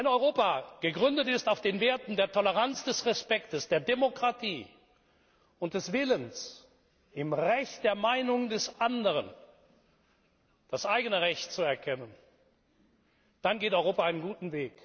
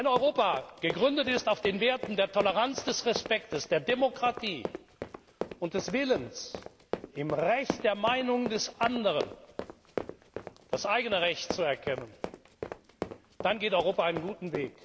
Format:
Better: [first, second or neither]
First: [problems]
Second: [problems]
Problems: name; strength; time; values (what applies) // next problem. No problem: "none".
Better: first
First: none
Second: background sound (Run); 10 dB below the speech